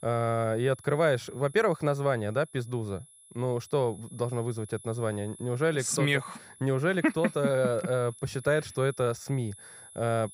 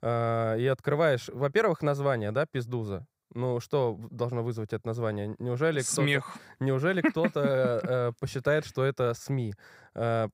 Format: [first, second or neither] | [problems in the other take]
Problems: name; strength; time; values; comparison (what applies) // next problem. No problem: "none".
second | high-pitched whine; noticeable; throughout; 10.5 kHz, 20 dB below the speech